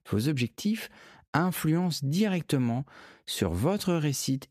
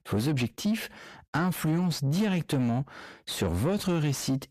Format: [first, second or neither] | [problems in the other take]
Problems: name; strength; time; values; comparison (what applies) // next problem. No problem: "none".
first | distortion; slight; 10 dB below the speech